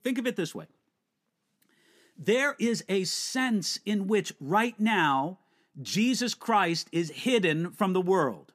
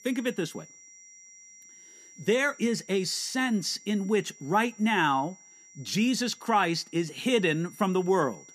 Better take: first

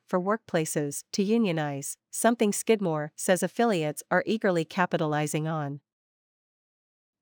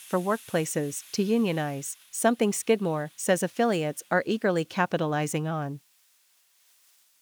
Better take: first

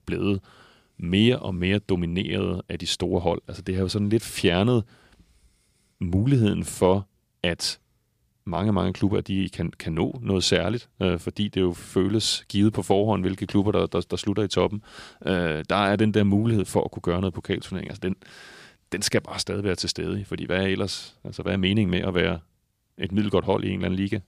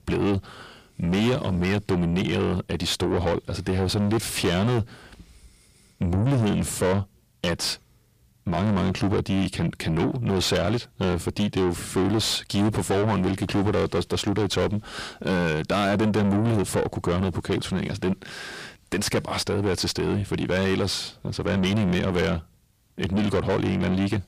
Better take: first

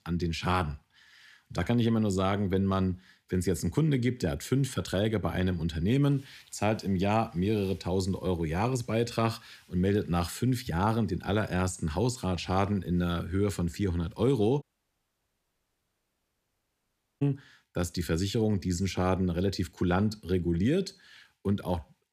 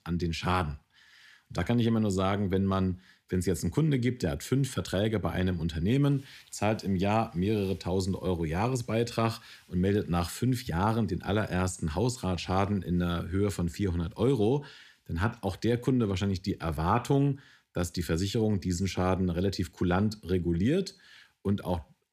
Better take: second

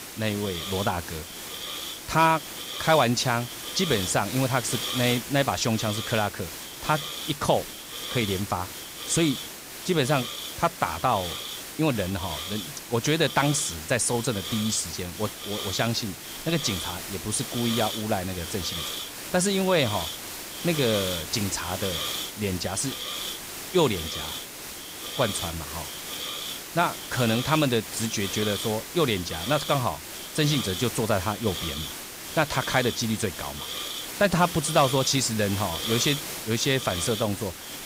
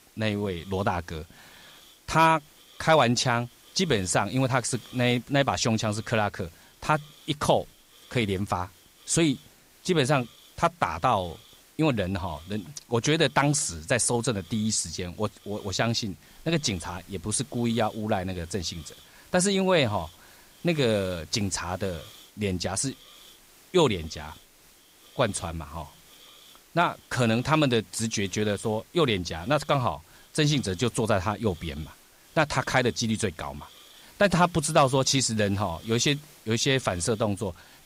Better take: second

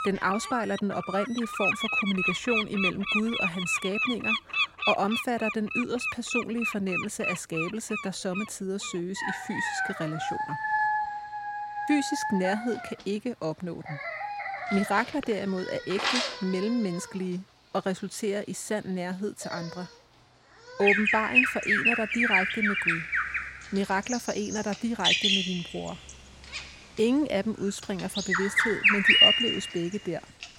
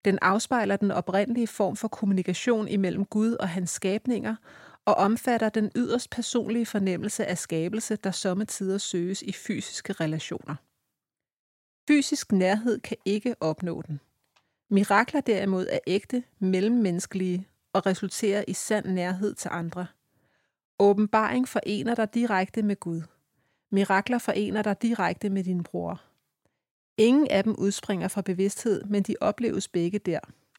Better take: second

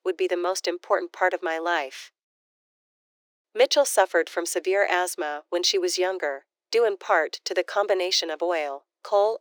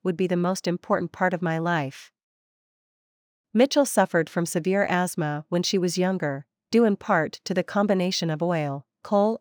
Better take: second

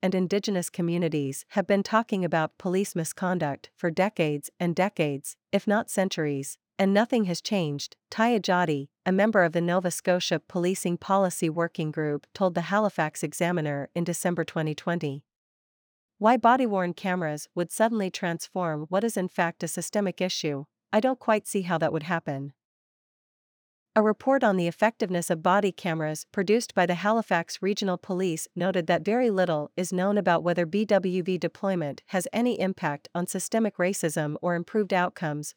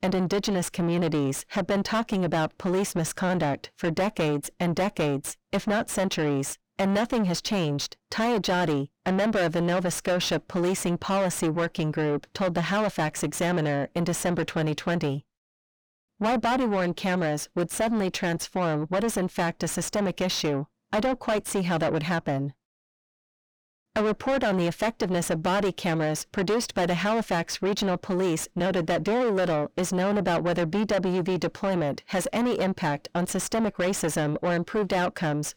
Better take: first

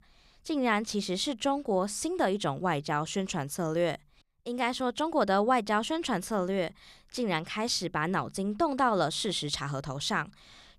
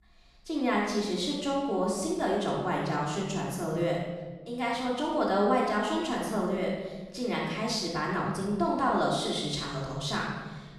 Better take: first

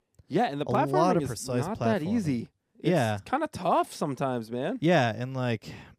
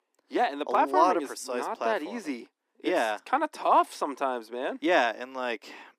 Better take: first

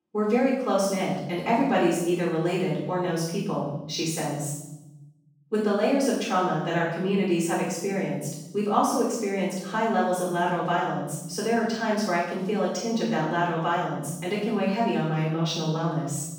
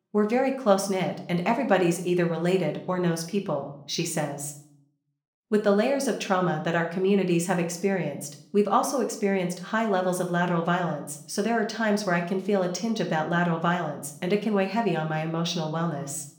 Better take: second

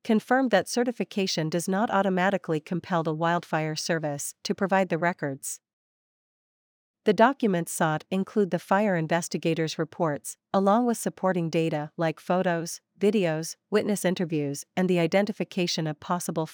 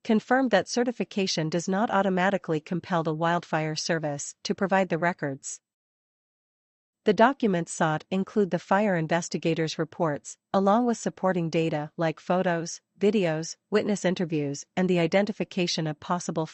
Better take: first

